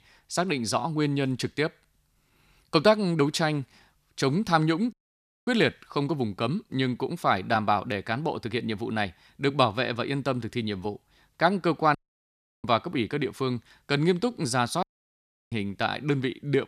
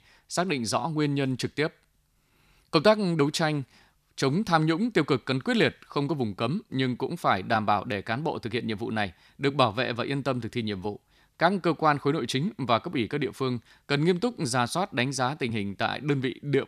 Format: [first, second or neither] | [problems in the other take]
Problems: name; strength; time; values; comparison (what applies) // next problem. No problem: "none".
second | audio cutting out; at 5 s for 0.5 s, at 12 s for 0.5 s and at 15 s for 0.5 s